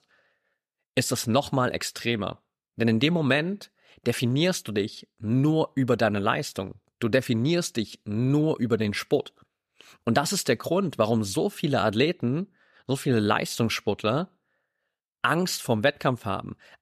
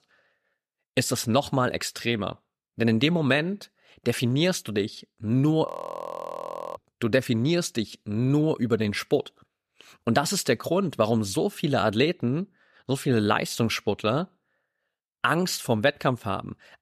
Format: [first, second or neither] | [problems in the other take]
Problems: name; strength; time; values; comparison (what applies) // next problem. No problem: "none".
first | audio freezing; at 5.5 s for 1 s